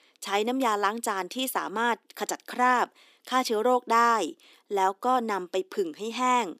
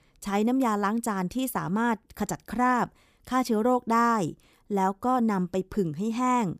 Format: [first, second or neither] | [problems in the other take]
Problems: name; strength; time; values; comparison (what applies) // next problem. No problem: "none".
second | thin; somewhat; fading below 300 Hz